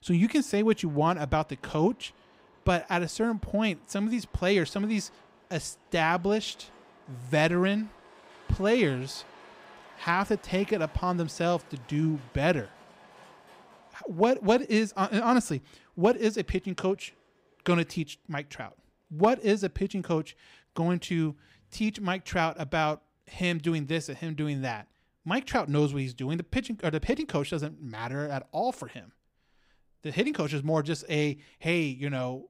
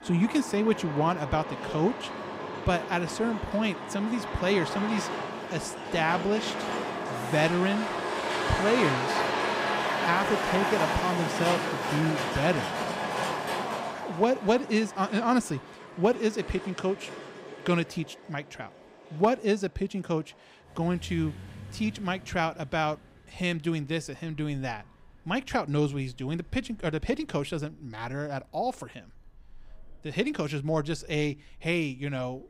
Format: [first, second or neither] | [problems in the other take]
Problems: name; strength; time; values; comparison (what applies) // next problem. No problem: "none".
first | traffic noise; loud; throughout; 3 dB below the speech; faint in the first